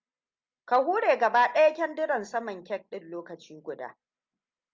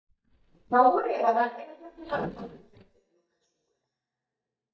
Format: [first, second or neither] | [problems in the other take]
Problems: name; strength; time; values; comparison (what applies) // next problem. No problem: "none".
first | noise reduction (neural mask model DeepFilterNet 3)